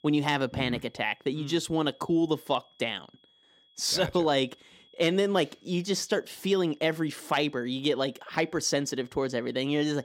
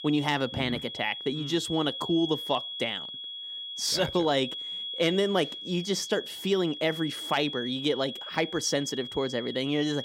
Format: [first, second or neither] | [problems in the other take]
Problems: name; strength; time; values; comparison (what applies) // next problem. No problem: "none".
first | high-pitched whine; loud; throughout; 3.5 kHz, 7 dB below the speech; faint in the first